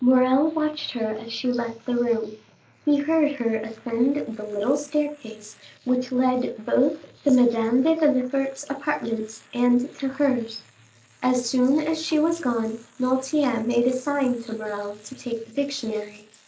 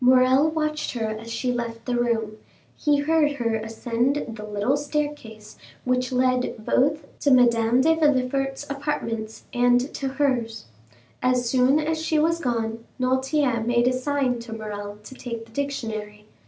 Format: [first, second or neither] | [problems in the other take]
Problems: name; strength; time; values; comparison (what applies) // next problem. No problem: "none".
second | noise reduction (neural mask model Resemble Enhance denoiser)